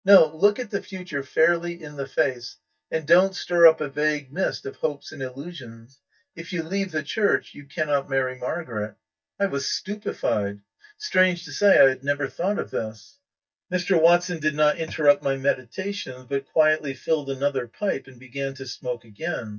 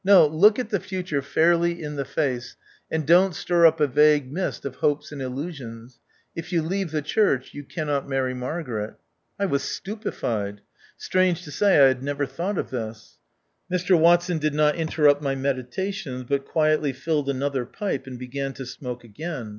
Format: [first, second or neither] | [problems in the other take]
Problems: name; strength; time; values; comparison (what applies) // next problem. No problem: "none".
second | noise reduction (neural mask model DeepFilterNet 3)